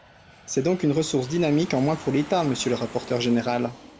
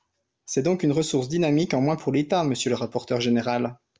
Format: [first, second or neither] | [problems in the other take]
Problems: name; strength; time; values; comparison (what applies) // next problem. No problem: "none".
second | background sound (Aircraft); 18 dB below the speech